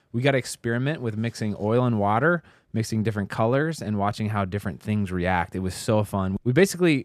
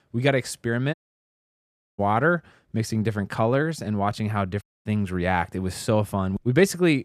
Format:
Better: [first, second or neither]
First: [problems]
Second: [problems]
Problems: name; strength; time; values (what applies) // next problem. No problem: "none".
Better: first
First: none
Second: audio cutting out; at 1 s for 1 s and at 4.5 s